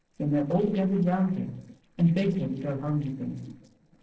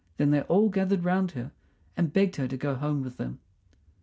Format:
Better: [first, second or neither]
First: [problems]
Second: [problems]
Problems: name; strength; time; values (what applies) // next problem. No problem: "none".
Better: second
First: noise reduction (neural separator model SepFormer DNS4)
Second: none